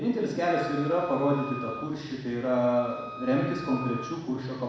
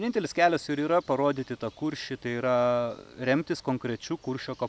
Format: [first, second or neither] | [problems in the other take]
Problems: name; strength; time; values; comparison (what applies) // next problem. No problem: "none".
second | background sound (Wind instrument, woodwind instrument); 13 dB below the speech // room echo; dies away in 1.1 s